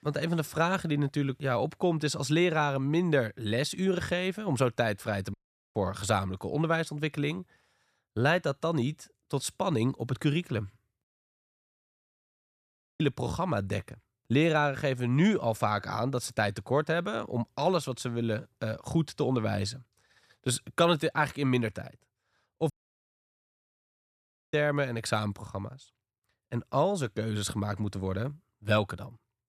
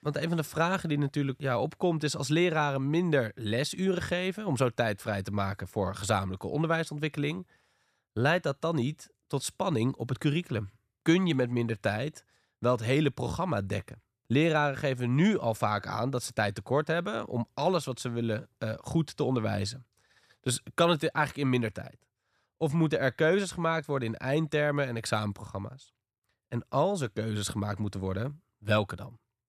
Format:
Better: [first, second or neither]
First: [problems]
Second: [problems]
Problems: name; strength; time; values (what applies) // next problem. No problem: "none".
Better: second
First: audio cutting out; at 5.5 s, at 11 s for 2 s and at 23 s for 2 s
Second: none